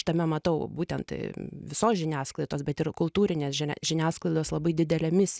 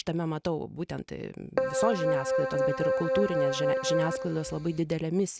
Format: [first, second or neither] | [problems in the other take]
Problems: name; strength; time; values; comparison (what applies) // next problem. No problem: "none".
first | background sound (Keyboard (musical)); 3 dB above the speech